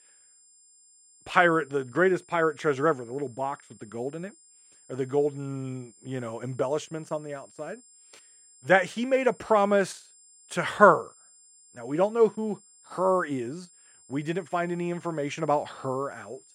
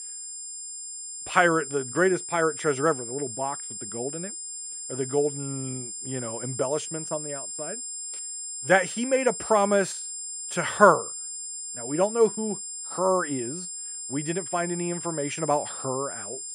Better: first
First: high-pitched whine; faint; throughout; 7.5 kHz, 25 dB below the speech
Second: high-pitched whine; loud; throughout; 7.5 kHz, 7 dB below the speech

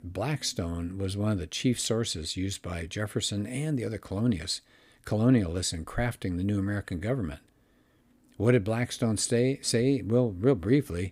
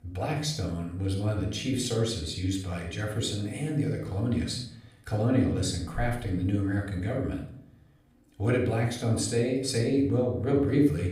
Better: first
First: none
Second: room echo; noticeable; dies away in 0.5 s // off-mic speech; somewhat distant

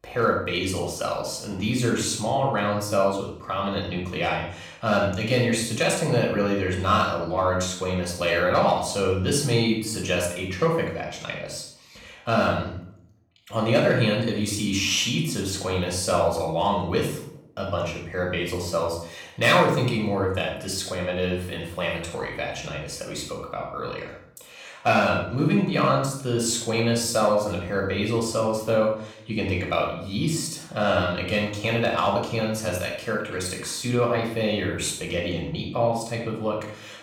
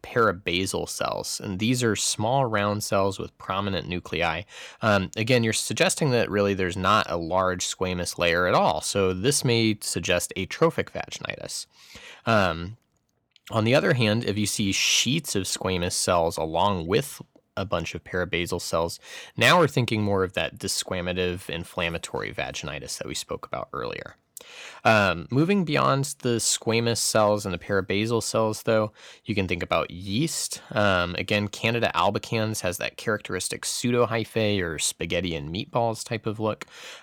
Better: second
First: off-mic speech; far // room echo; noticeable; dies away in 0.5 s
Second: none

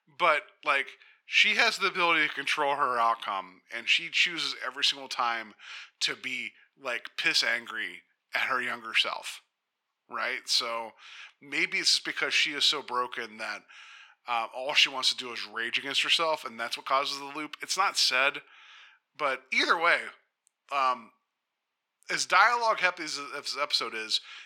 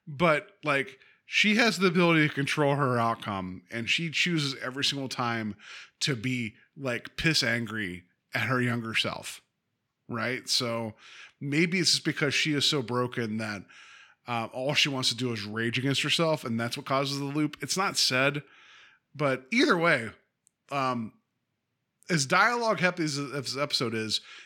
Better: second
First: thin; very; fading below 500 Hz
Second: none

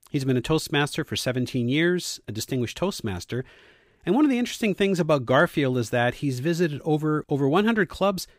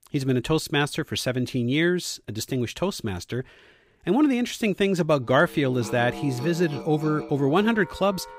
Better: first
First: none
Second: background music; noticeable; from 5.5 s on; 15 dB below the speech

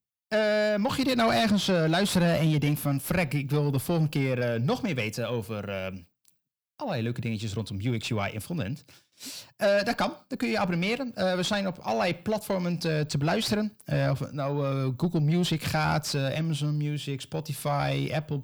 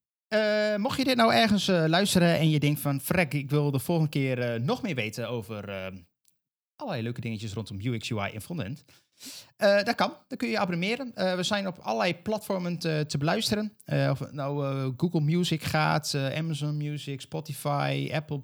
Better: second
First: distortion; slight; 10 dB below the speech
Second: none

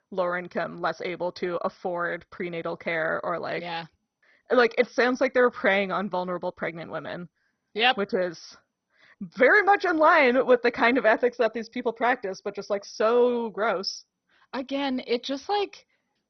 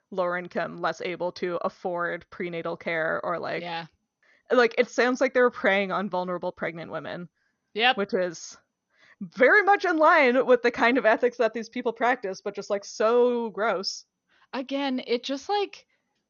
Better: second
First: garbled, watery; badly; nothing above 6 kHz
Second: garbled, watery; slightly; nothing above 6.5 kHz

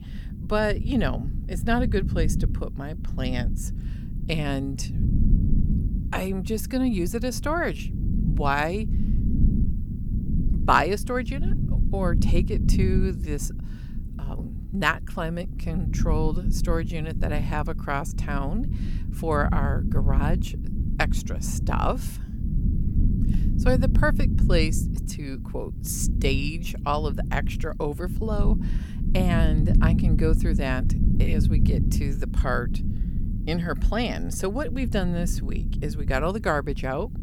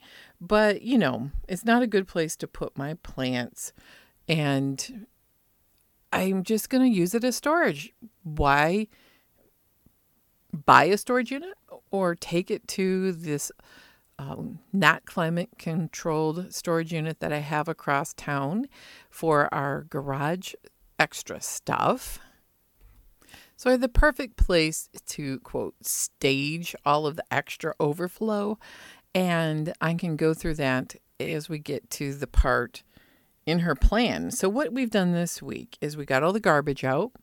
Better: second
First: low rumble; noticeable; throughout; 10 dB below the speech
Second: none

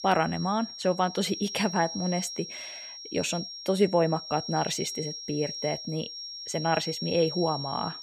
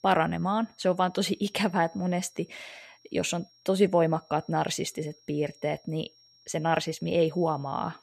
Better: second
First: high-pitched whine; loud; throughout; 5.5 kHz, 7 dB below the speech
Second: high-pitched whine; faint; throughout; 5.5 kHz, 30 dB below the speech

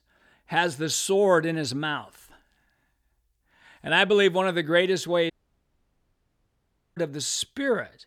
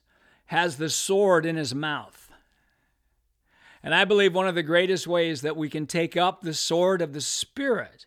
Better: second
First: audio cutting out; at 5.5 s for 1.5 s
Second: none

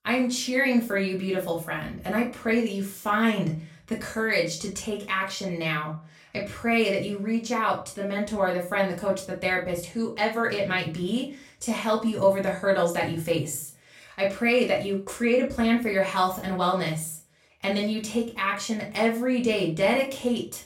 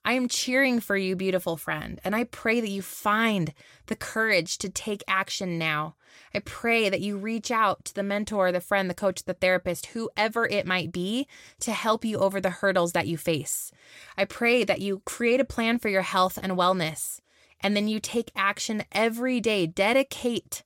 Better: second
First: off-mic speech; far // room echo; slight; dies away in 0.3 s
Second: none

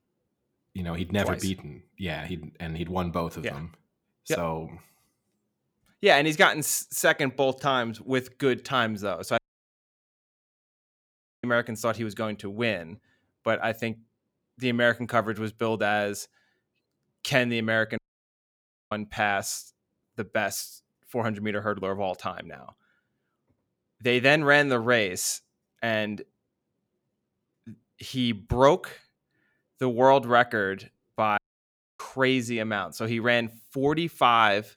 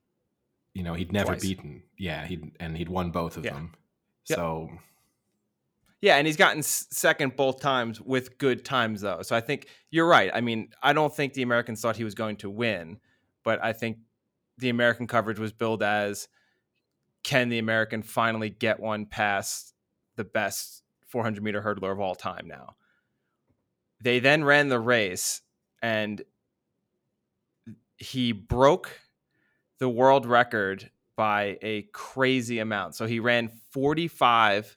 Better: second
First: audio cutting out; at 9.5 s for 2 s, at 18 s for 1 s and at 31 s for 0.5 s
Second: none

